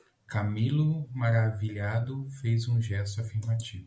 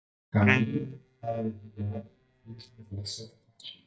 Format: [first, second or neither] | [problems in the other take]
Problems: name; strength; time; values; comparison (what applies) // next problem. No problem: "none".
first | noise reduction (neural mask model DeepFilterNet 3)